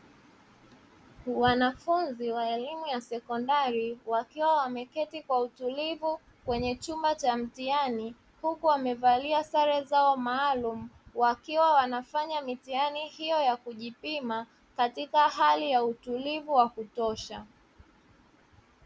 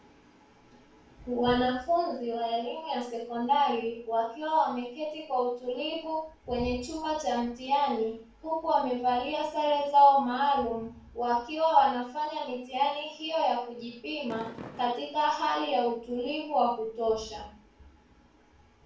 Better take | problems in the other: first | background sound (Fireworks); 17 dB below the speech // room echo; dies away in 0.4 s

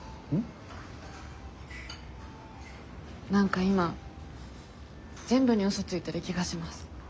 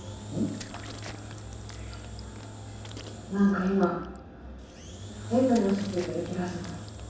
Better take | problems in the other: first | background sound (Engine / Drill); 12 dB below the speech // room echo; dies away in 0.7 s

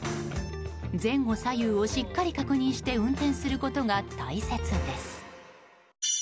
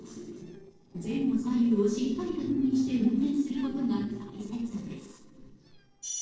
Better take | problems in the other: first | noise reduction (neural separator model SepFormer DNS4)

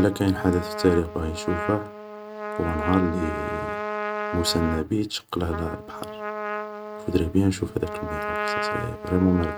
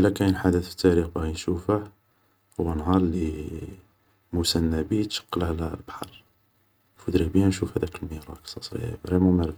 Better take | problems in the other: second | background sound (Trumpet); 6 dB below the speech

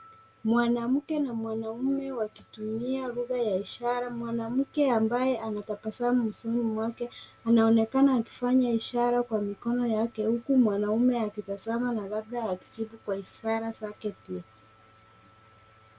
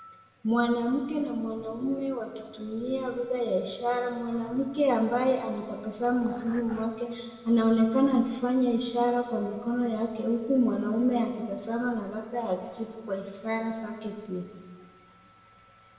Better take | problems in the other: first | background sound (Dog); 18 dB below the speech // room echo; dies away in 1.4 s

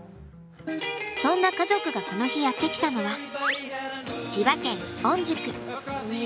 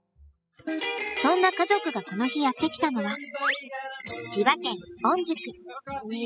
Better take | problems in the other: first | noise reduction (classical method spectral subtraction)

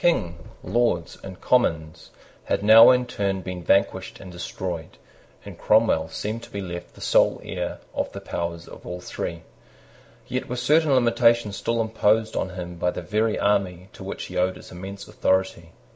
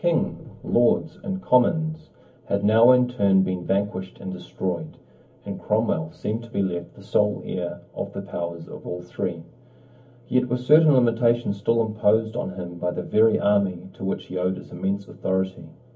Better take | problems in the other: first | room echo; dies away in 0.3 s

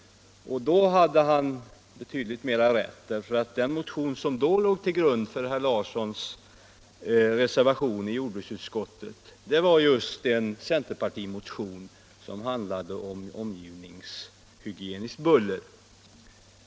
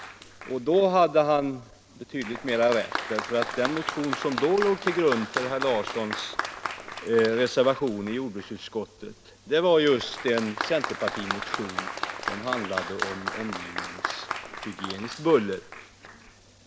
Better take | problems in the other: first | background sound (Applause); 8 dB below the speech

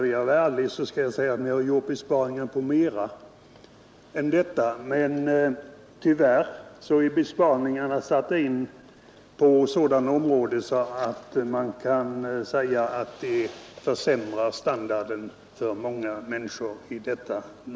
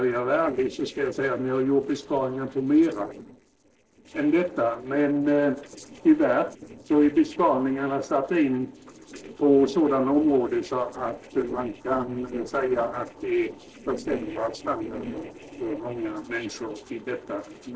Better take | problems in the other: first | noise reduction (neural separator model SepFormer DNS4)

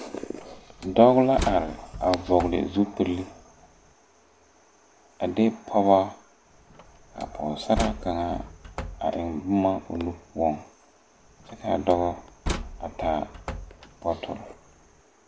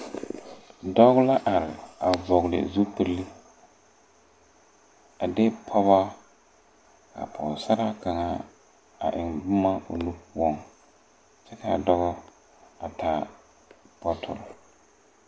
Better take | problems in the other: second | background sound (Slam); 11 dB below the speech

